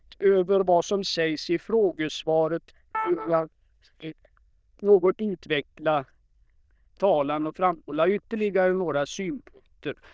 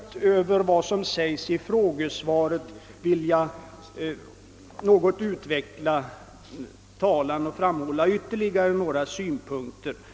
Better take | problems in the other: second | noise reduction (neural diffusion model UNIVERSE++)

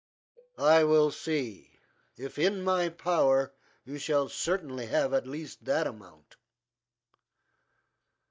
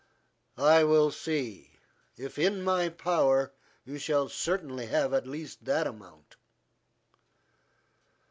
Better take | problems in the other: second | noise reduction (neural mask model DeepFilterNet 3)

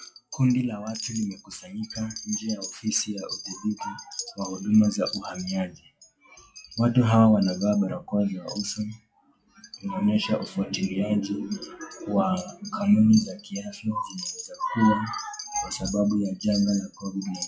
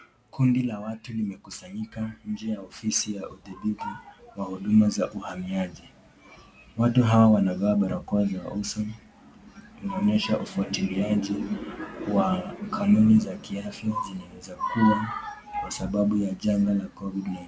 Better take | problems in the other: second | noise reduction (classical method log-MMSE)

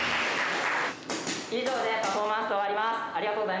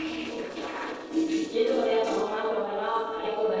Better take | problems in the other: first | noise reduction (neural separator model SepFormer DNS4)

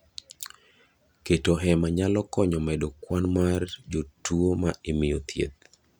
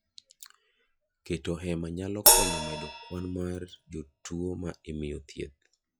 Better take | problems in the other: first | noise reduction (classical method log-MMSE)

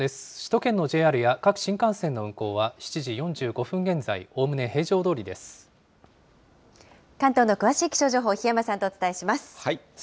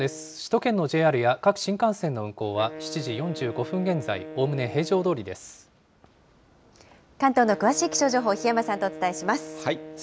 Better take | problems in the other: first | background sound (Wind instrument, woodwind instrument); 15 dB below the speech

